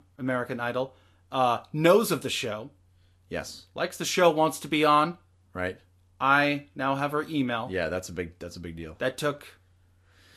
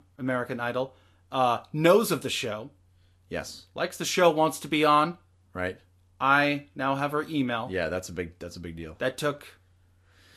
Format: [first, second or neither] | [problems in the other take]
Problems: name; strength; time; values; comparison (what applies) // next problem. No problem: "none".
neither | garbled, watery; slightly; nothing above 12.5 kHz; the same in both